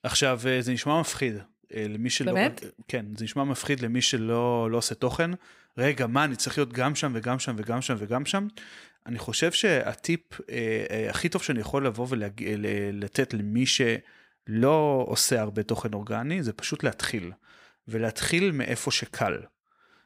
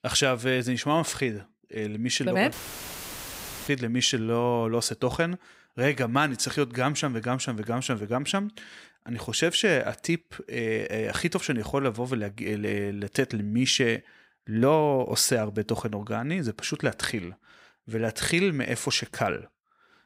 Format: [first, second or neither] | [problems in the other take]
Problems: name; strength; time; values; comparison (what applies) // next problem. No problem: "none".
first | audio cutting out; filled with static; at 2.5 s for 1 s